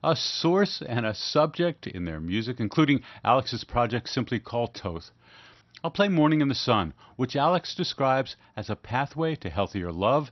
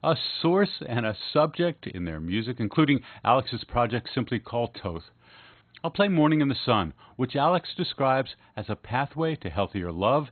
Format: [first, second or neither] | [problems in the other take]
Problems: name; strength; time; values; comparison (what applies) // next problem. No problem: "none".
first | garbled, watery; badly; nothing above 4 kHz; slightly in the first